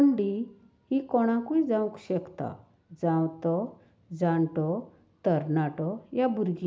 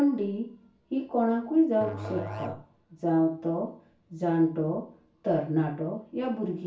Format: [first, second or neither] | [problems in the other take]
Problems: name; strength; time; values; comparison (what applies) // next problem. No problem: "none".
first | background sound (Musical instrument); 13 dB below the speech // room echo; dies away in 0.3 s